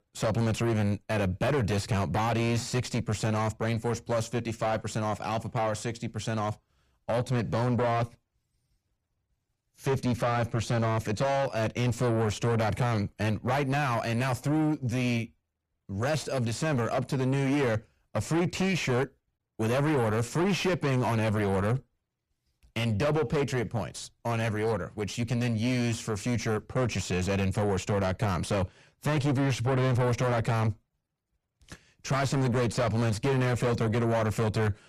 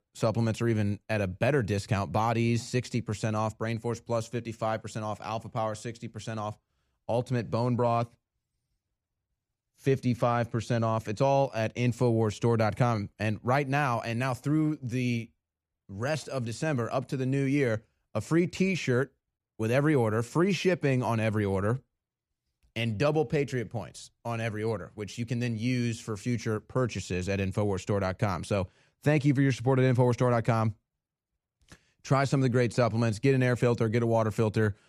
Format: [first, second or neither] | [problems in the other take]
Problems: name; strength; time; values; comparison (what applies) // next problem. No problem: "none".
second | distortion; heavy; 5 dB below the speech